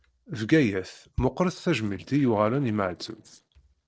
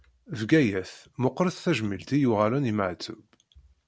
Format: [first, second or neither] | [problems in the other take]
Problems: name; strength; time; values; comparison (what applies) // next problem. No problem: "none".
second | noise reduction (neural separator model SepFormer DNS4)